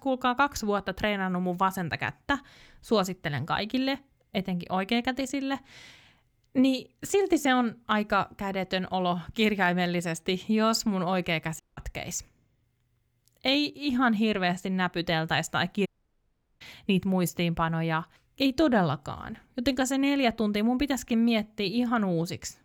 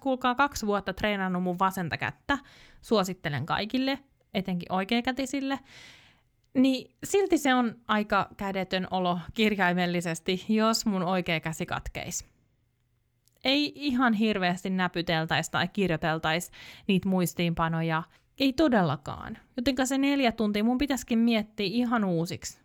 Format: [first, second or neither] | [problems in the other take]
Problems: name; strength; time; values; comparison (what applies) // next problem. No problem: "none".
second | audio cutting out; at 12 s and at 16 s for 0.5 s